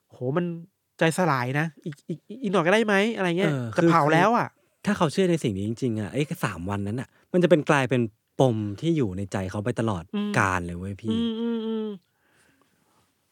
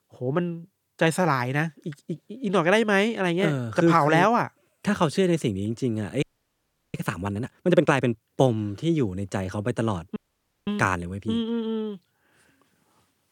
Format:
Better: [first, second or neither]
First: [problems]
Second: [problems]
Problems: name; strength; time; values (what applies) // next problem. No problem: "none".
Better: first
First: none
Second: audio freezing; at 6 s for 0.5 s and at 10 s for 0.5 s